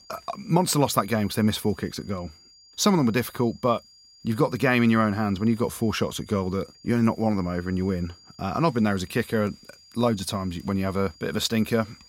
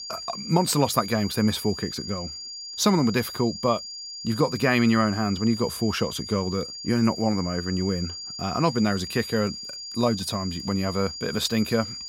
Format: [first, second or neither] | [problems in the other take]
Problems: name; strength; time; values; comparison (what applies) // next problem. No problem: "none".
first | high-pitched whine; loud; throughout; 5 kHz, 9 dB below the speech; faint in the first